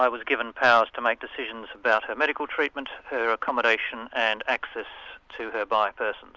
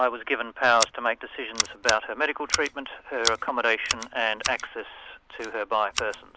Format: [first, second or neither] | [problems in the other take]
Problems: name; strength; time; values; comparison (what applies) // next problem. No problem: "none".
first | background sound (Scissors); 7 dB below the speech